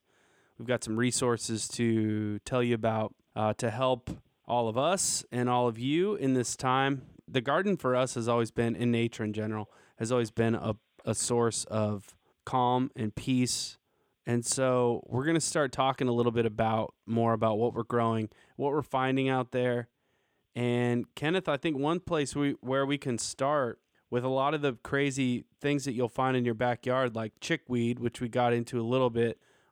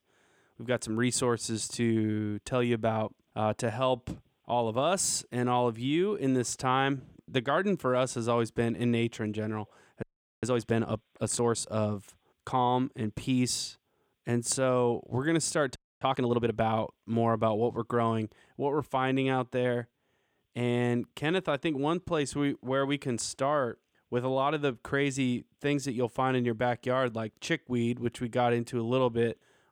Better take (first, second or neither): first